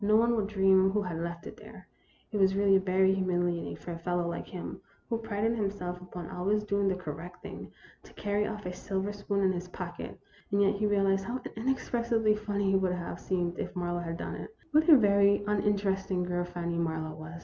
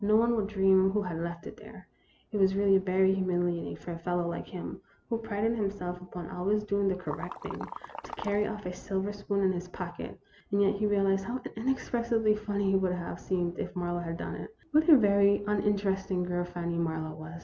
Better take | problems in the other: first | background sound (Liquid); 11 dB below the speech

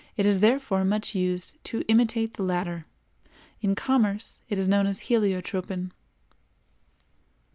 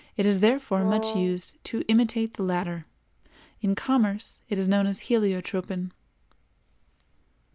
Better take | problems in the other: first | background sound (Brass instrument); 6 dB below the speech

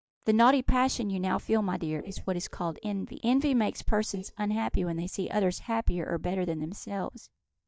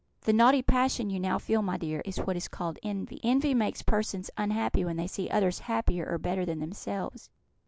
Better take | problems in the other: second | noise reduction (neural mask model DeepFilterNet 3)

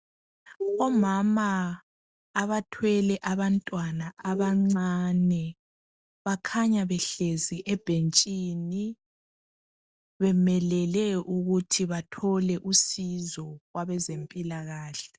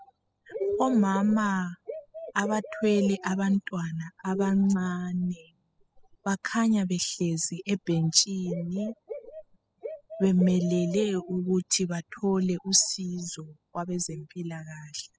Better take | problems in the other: first | noise reduction (classical method spectral subtraction)

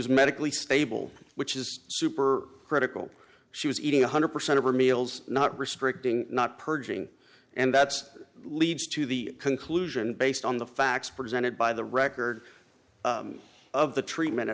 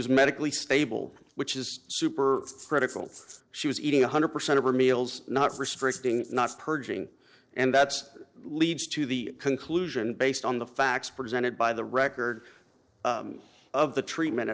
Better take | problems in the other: first | noise reduction (neural separator model SepFormer DNS4)

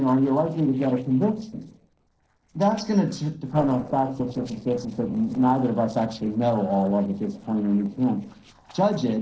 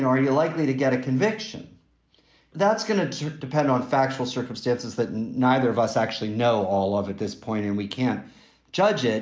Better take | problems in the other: second | noise reduction (neural separator model SepFormer DNS4)

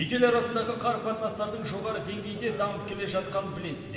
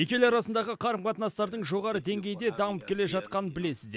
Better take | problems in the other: second | background sound (Vehicle); 15 dB below the speech // room echo; dies away in 2.6 s

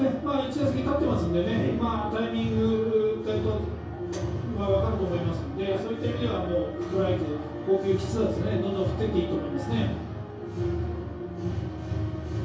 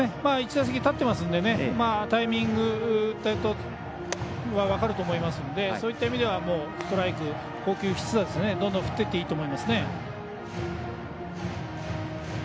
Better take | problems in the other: second | room echo; dies away in 0.6 s

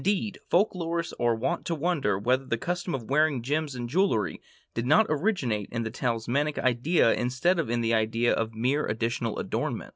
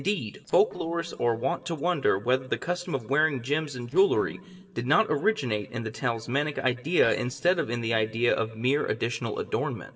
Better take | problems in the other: first | noise reduction (neural separator model SepFormer DNS4)

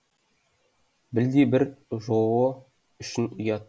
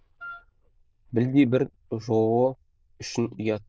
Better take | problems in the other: first | noise reduction (neural diffusion model UNIVERSE++)

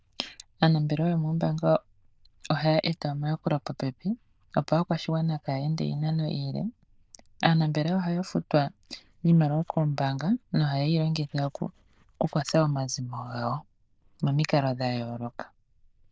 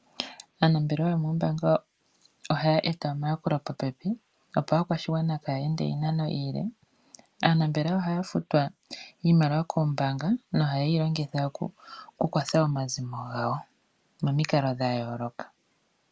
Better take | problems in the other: second | noise reduction (neural diffusion model UNIVERSE++)

